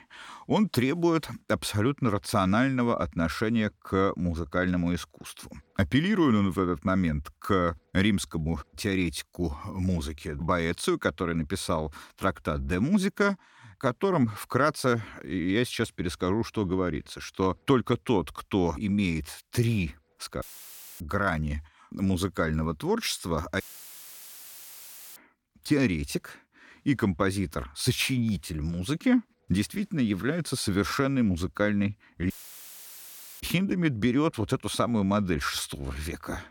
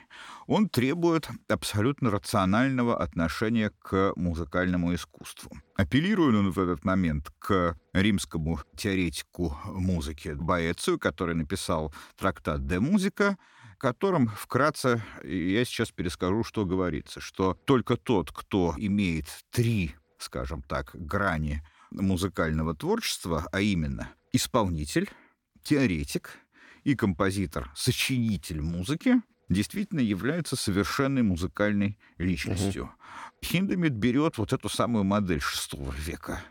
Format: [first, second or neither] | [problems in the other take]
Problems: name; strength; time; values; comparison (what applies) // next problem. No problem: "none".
second | audio cutting out; filled with static; at 20 s for 0.5 s, at 24 s for 1.5 s and at 32 s for 1 s